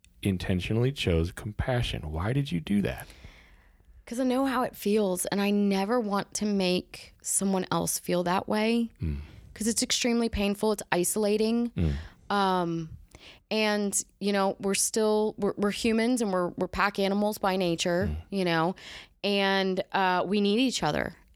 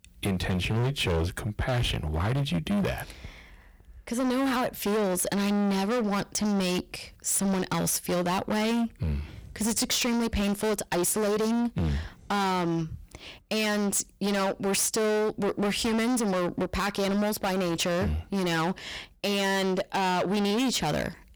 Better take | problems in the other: first | distortion; heavy; 27% of the sound clipped

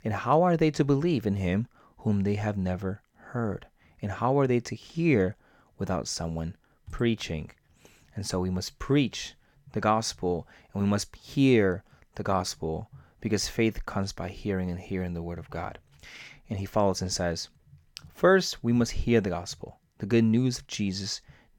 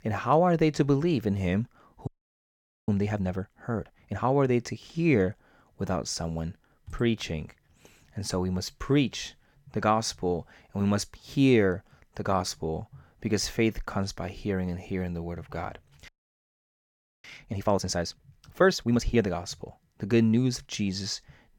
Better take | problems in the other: first | audio freezing; at 2 s for 1 s and at 16 s for 1 s

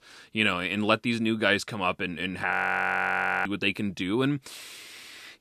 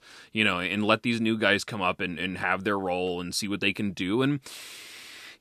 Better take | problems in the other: second | audio freezing; at 2.5 s for 1 s

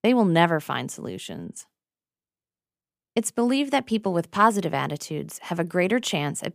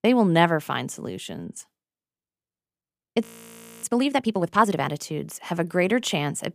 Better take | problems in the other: first | audio freezing; at 3 s for 0.5 s

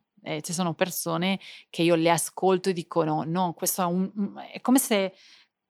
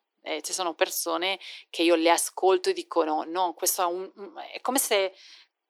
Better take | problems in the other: first | thin; very; fading below 350 Hz

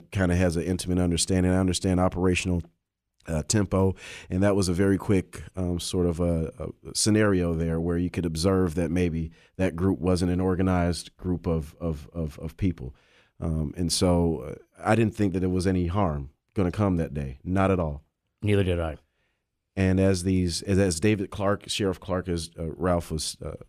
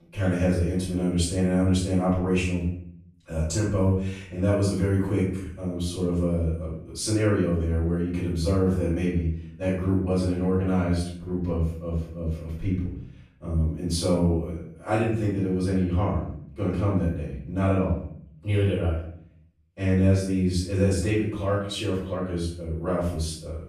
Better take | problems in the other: first | off-mic speech; far // room echo; noticeable; dies away in 0.6 s

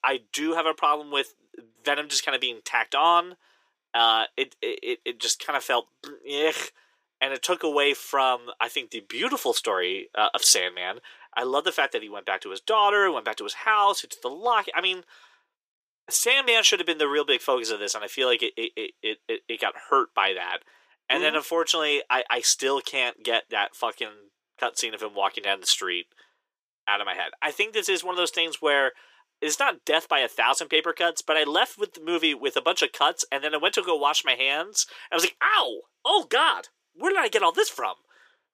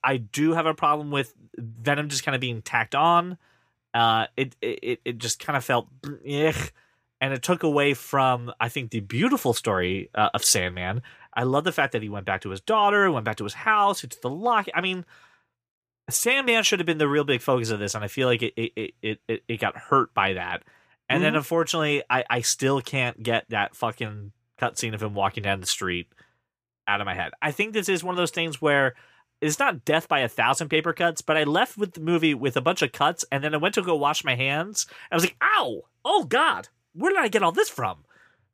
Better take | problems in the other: second | thin; somewhat; fading below 350 Hz

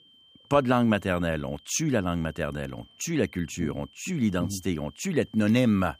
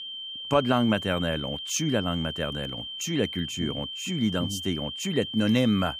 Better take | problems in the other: first | high-pitched whine; loud; throughout; 3 kHz, 6 dB below the speech; faint in the first

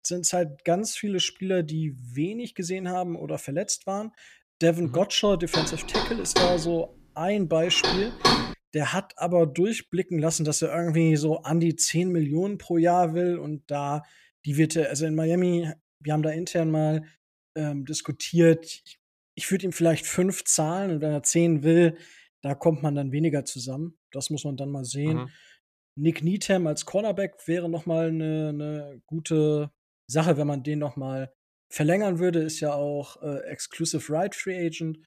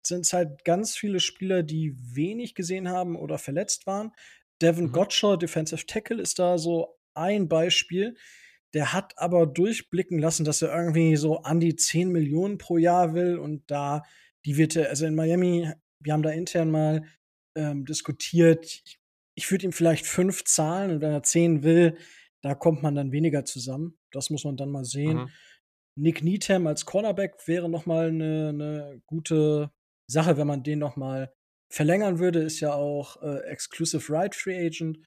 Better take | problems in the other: second | door banging; loud; from 5.5 to 8.5 s; peak 4 dB above the speech

